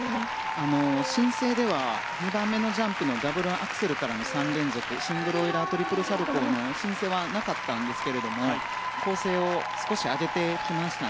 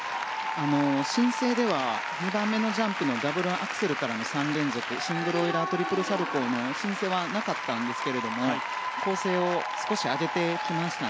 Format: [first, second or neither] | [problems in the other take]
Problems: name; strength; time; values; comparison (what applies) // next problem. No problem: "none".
second | background sound (Dog + Wind instrument, woodwind instrument); 15 dB below the speech